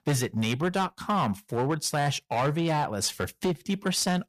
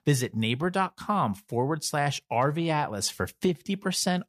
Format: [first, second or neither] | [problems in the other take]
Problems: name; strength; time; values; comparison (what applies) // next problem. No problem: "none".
second | distortion; slight; 11% of the sound clipped